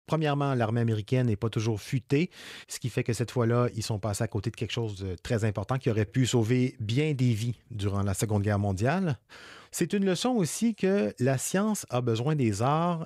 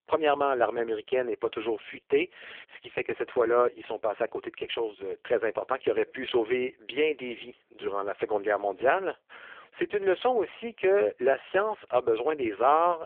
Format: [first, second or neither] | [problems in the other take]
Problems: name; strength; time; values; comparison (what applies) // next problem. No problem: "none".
first | phone-call audio; poor line